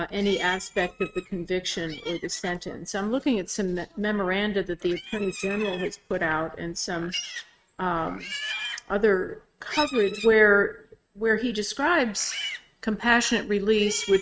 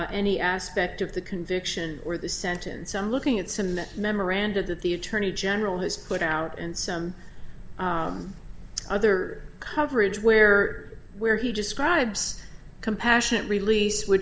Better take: second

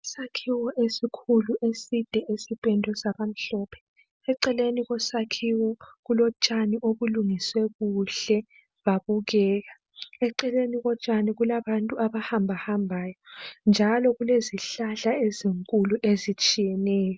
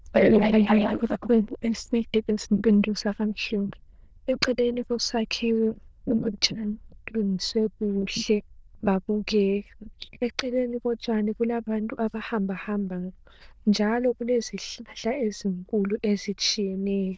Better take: first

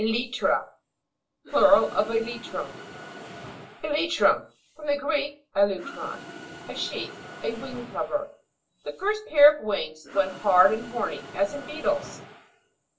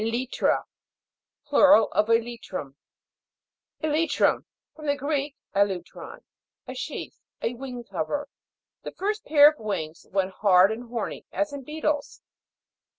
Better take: second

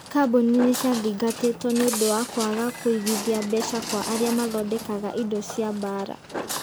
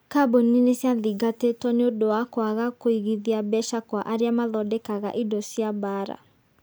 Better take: second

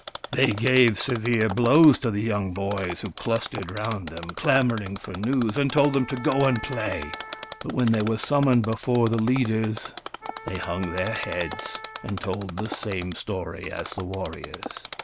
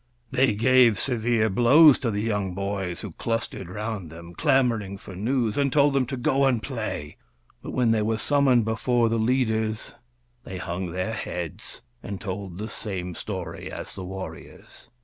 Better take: second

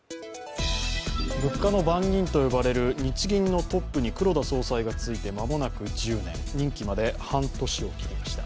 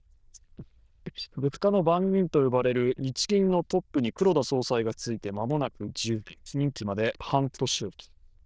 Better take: first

